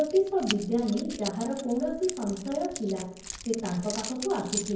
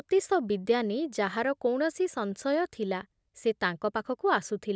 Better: second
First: background sound (Keys jangling); 10 dB below the speech // room echo; dies away in 0.9 s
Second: none

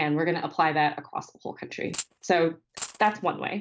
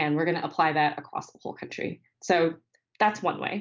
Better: second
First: noise reduction (neural mask model RNNoise)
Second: none

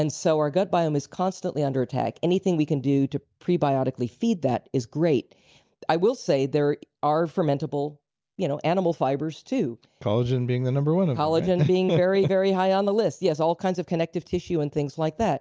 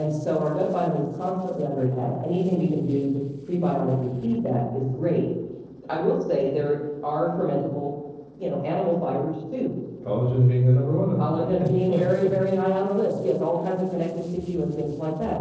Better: first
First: none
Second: noise reduction (neural separator model SepFormer DNS4)

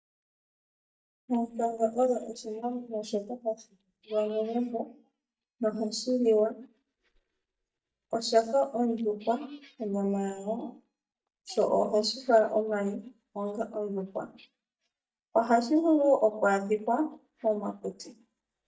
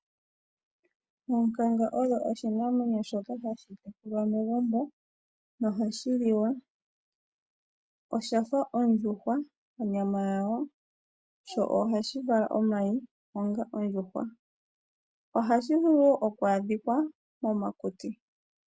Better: second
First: noise reduction (neural mask model DeepFilterNet 3)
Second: none

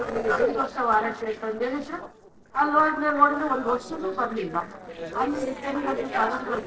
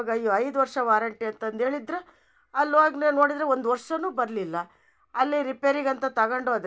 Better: second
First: noise reduction (neural separator model SepFormer DNS4)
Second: none

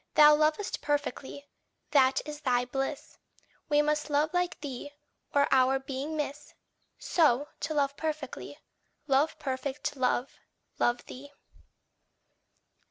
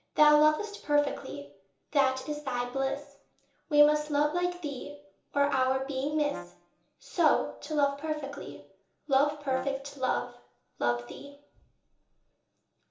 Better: first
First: none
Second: background sound (Brass instrument); 16 dB below the speech // room echo; dies away in 1.2 s

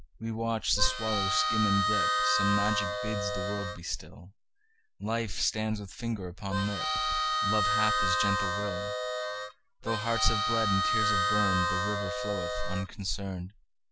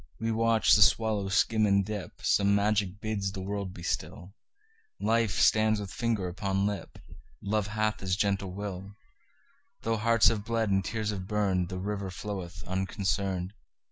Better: second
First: background sound (Harmonica); 2 dB above the speech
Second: none

